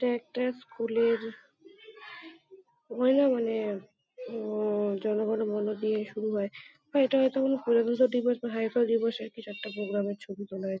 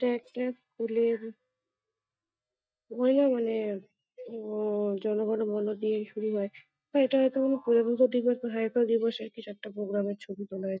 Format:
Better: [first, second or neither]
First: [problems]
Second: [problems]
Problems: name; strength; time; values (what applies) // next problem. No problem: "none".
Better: first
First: none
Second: noise reduction (neural mask model DeepFilterNet 3)